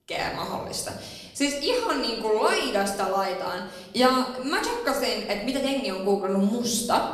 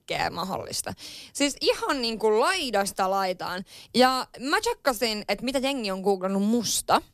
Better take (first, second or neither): second